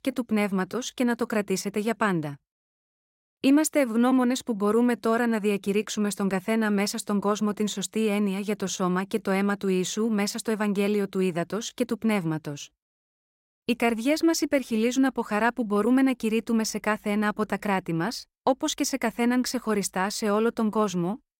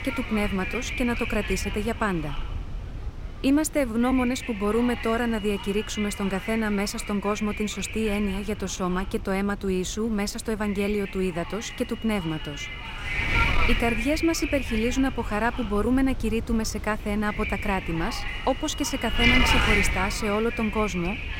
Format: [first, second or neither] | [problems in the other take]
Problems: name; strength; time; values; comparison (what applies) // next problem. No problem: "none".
first | wind noise on the microphone; heavy; 1 dB below the speech